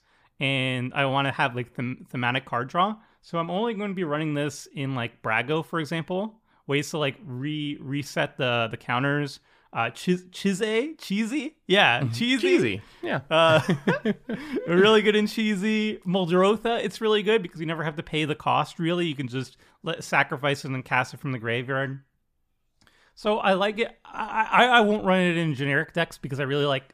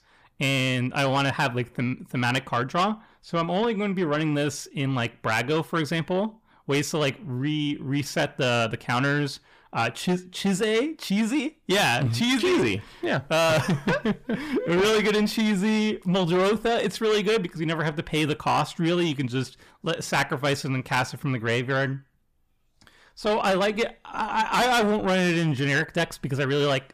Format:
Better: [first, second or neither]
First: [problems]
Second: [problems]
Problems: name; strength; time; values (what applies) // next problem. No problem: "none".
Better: first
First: none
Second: distortion; heavy; 7 dB below the speech